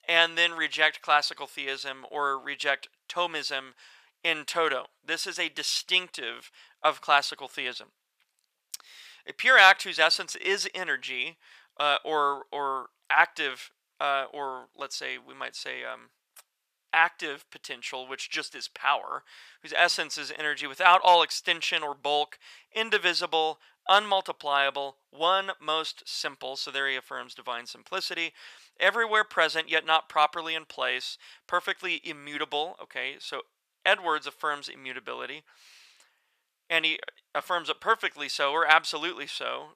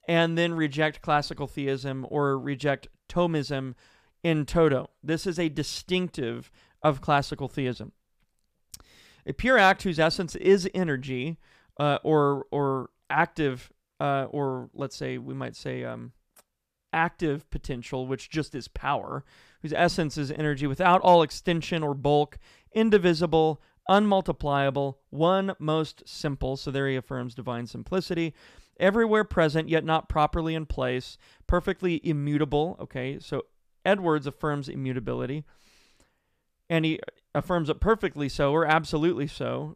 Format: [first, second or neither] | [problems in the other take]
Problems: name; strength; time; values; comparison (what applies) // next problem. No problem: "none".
second | thin; very; fading below 950 Hz